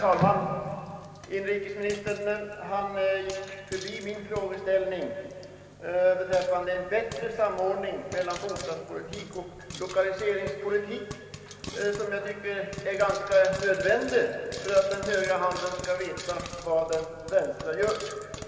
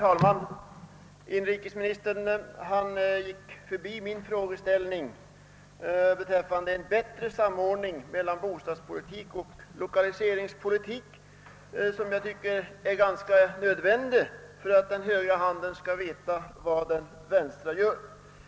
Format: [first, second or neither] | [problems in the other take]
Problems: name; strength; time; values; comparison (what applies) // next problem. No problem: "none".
second | background sound (Frying (food)); 16 dB below the speech // room echo; dies away in 2.5 s